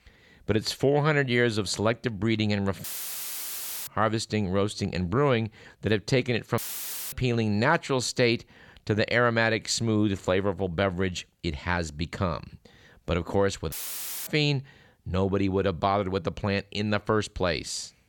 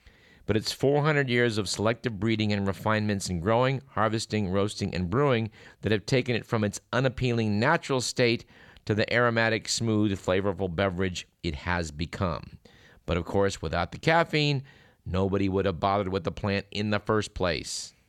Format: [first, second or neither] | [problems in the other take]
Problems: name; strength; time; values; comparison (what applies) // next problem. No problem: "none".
second | audio cutting out; filled with static; at 3 s for 1 s, at 6.5 s for 0.5 s and at 14 s for 0.5 s